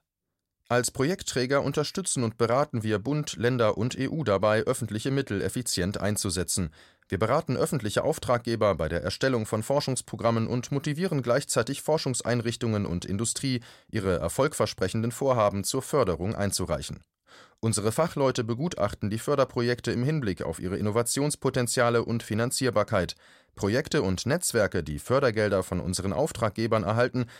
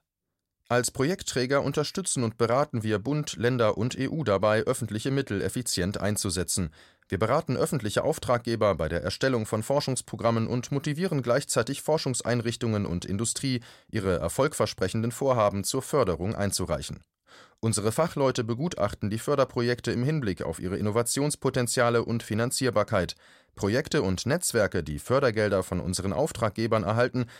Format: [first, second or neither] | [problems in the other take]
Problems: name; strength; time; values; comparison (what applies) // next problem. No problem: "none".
neither | none